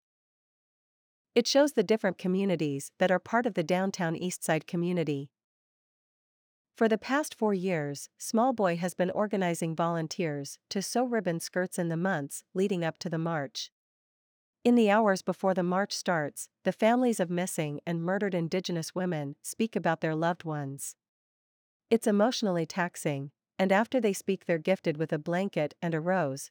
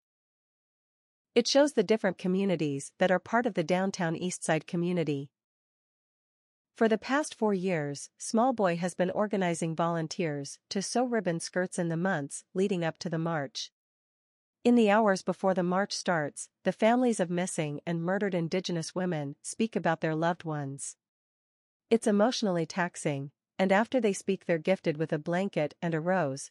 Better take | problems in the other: first | garbled, watery; slightly

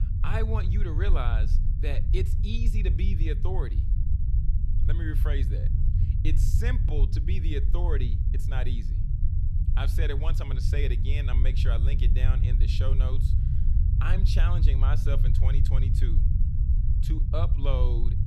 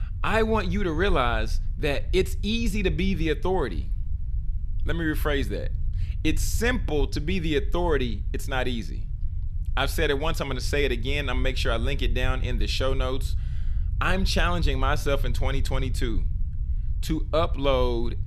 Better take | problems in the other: second | low rumble; loud; throughout; 5 dB below the speech; faint in the second

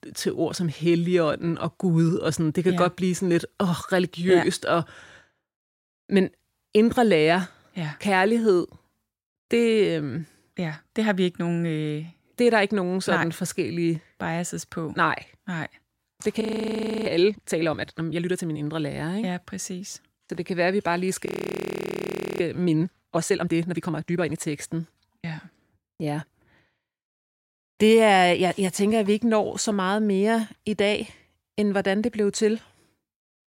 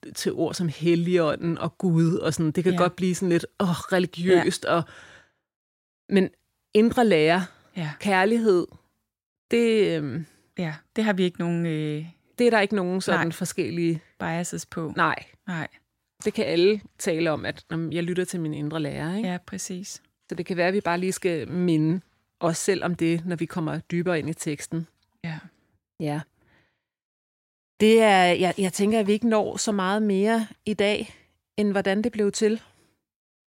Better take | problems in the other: second | audio freezing; at 16 s for 0.5 s and at 21 s for 1 s

